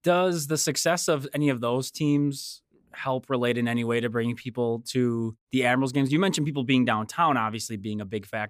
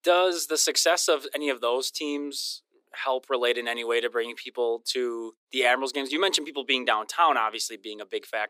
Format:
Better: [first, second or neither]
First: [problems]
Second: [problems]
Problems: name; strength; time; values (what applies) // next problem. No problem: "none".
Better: first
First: none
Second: thin; very; fading below 350 Hz